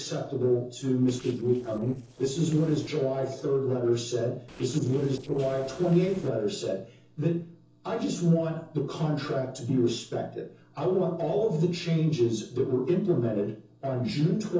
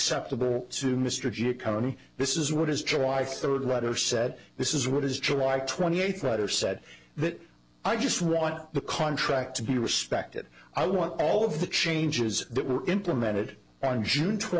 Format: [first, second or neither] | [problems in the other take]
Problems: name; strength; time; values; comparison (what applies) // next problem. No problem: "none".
second | noise reduction (neural separator model SepFormer DNS4)